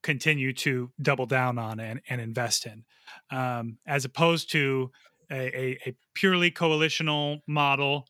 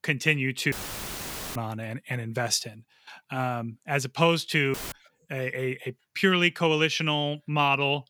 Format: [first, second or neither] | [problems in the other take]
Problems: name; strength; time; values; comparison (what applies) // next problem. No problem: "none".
first | audio cutting out; filled with static; at 0.5 s for 1 s and at 4.5 s